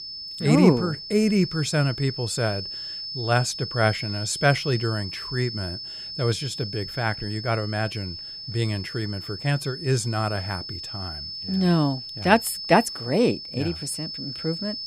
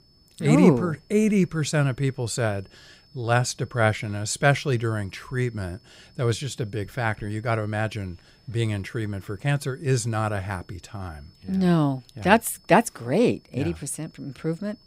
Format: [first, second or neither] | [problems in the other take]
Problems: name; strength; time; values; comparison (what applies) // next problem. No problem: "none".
second | high-pitched whine; loud; throughout; 5 kHz, 8 dB below the speech; faint in the second